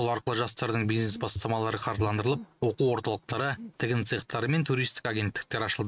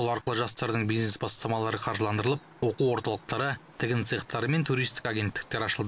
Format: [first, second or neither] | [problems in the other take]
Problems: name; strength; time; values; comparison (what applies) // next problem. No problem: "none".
second | noise reduction (neural mask model RNNoise)